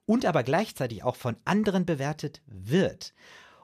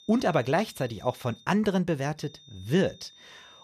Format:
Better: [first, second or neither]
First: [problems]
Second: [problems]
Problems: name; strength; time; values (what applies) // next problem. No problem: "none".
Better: first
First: none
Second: high-pitched whine; faint; until 1.5 s and from 2 s on; 3.5 kHz, 25 dB below the speech